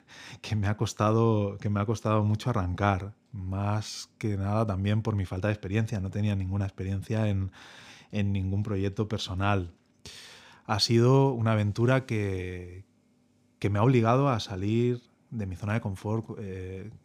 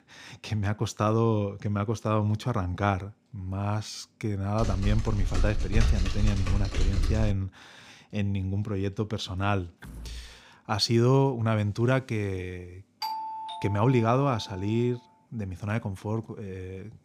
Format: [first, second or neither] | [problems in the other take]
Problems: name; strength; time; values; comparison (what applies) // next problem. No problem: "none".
first | keyboard typing; loud; from 4.5 to 7.5 s; peak 1 dB above the speech // door banging; faint; at 10 s; peak 15 dB below the speech // doorbell; noticeable; from 13 to 15 s; peak 5 dB below the speech